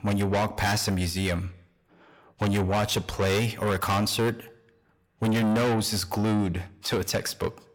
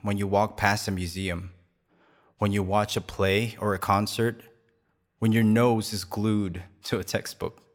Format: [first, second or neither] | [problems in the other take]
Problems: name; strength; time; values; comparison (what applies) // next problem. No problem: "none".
second | distortion; heavy; 6 dB below the speech